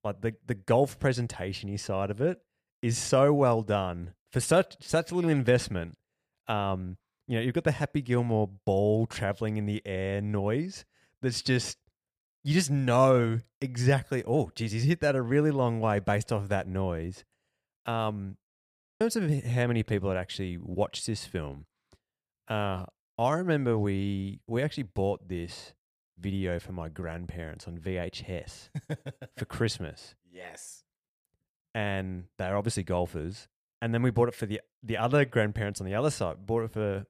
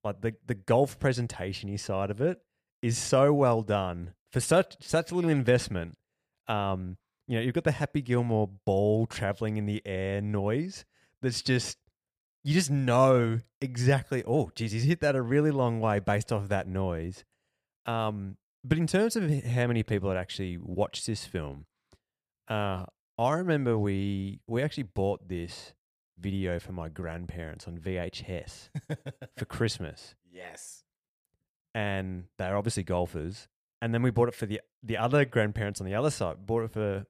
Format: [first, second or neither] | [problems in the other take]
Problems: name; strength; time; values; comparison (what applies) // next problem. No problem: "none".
second | audio freezing; at 18 s for 0.5 s